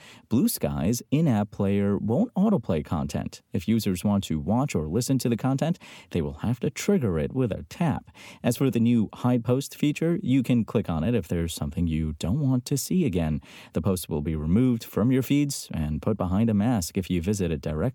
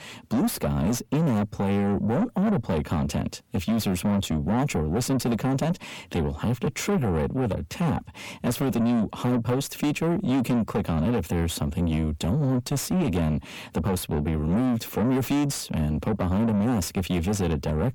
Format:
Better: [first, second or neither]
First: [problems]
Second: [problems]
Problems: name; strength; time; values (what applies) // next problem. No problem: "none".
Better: first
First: none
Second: distortion; heavy; 7 dB below the speech